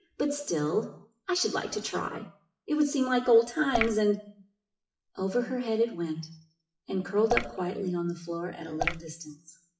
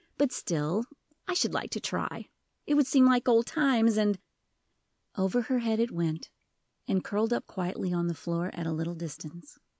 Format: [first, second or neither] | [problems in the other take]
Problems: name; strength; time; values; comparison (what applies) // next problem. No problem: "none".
second | noise reduction (classical method WPE with log-MMSE)